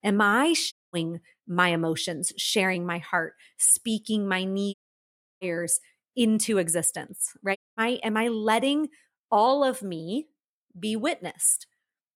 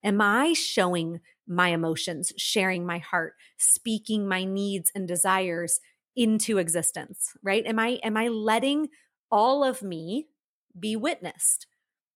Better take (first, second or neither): second